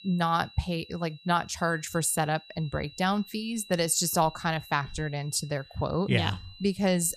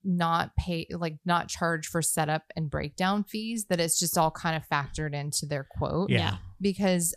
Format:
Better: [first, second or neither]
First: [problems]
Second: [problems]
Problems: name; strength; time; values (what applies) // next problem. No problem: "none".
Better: second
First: high-pitched whine; faint; throughout; 4 kHz, 20 dB below the speech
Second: none